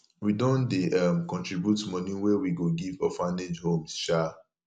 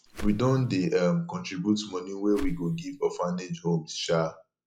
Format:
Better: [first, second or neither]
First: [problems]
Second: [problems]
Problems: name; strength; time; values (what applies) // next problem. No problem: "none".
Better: first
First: none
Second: noise reduction (classical method log-MMSE)